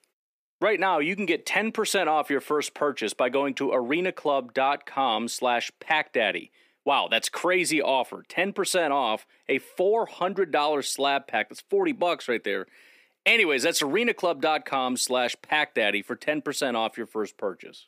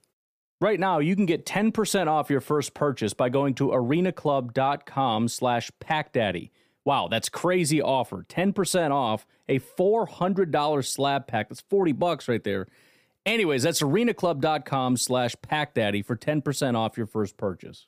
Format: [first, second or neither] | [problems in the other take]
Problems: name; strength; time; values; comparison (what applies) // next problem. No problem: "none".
second | thin; very slightly; fading below 300 Hz